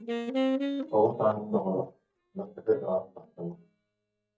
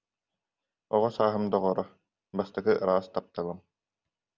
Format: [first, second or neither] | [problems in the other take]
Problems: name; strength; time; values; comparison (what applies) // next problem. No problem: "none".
second | noise reduction (neural mask model DeepFilterNet 3)